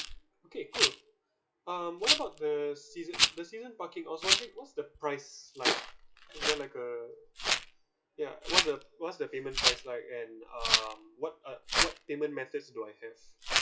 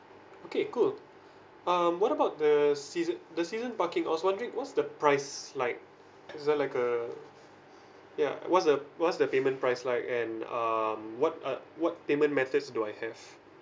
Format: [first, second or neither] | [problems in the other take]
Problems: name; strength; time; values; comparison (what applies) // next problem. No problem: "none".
second | noise reduction (classical method WPE with log-MMSE)